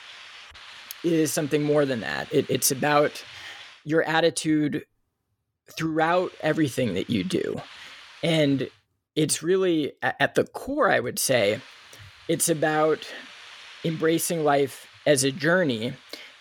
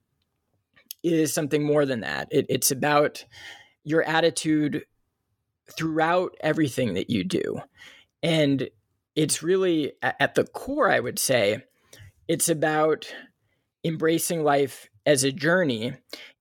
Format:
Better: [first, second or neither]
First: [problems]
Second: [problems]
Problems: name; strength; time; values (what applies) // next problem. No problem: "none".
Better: second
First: hiss; faint; until 4 s, from 6 to 8.5 s and from 11 s on; 20 dB below the speech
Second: none